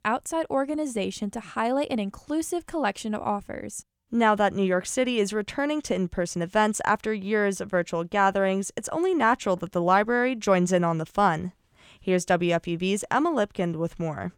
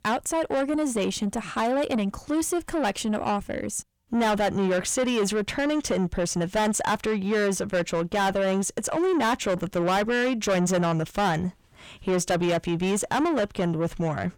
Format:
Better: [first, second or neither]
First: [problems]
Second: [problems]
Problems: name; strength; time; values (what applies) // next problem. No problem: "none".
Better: first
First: none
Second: distortion; heavy; 7 dB below the speech